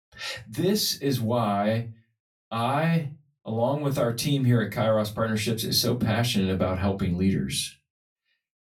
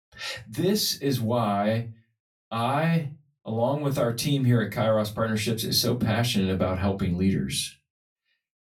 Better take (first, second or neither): neither